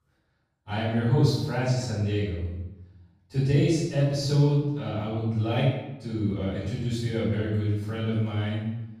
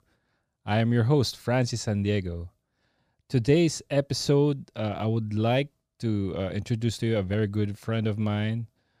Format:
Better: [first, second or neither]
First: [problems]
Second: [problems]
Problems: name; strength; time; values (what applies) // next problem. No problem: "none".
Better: second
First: off-mic speech; far // room echo; strong; dies away in 0.8 s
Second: none